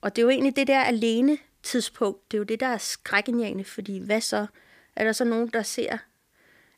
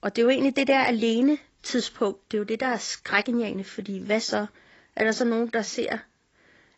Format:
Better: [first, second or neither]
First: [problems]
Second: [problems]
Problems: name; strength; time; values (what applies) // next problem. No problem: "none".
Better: first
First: none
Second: garbled, watery; badly; nothing above 7.5 kHz